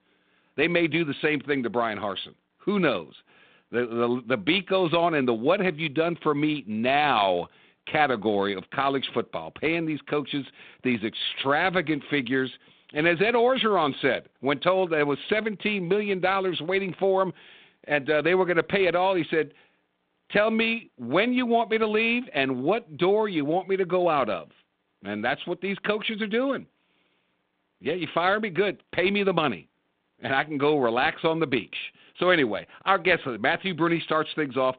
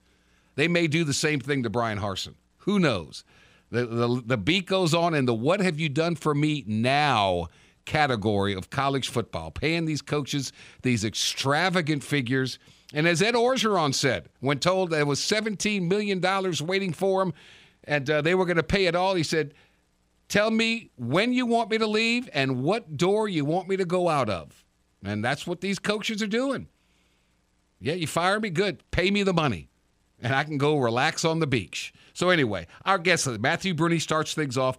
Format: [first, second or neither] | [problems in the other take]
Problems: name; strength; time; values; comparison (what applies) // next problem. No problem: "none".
second | phone-call audio; nothing above 4 kHz